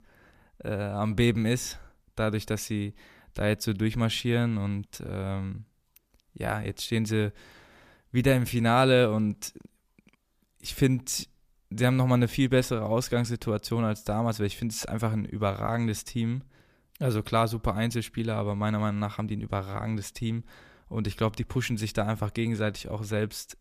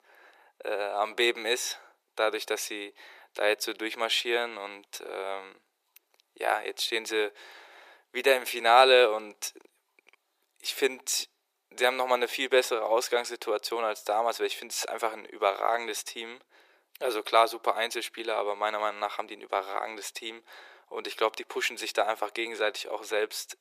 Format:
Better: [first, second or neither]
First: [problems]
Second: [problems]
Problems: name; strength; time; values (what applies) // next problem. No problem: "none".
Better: first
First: none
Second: thin; very; fading below 400 Hz